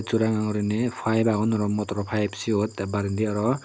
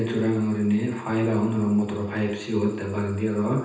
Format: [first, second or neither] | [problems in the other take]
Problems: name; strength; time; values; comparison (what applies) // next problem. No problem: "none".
first | room echo; dies away in 0.9 s